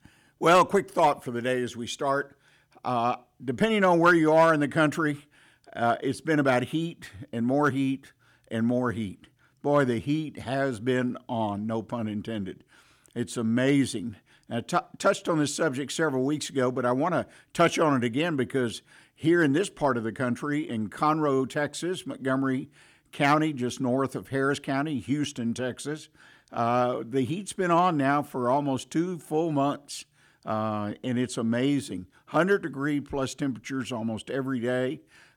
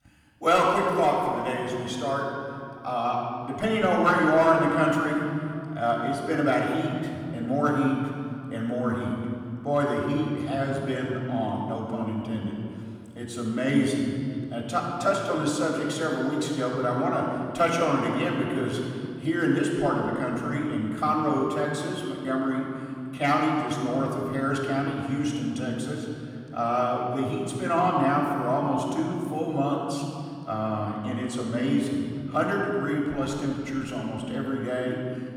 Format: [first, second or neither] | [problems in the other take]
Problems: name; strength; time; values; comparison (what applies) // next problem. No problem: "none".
first | off-mic speech; far // room echo; noticeable; dies away in 2.5 s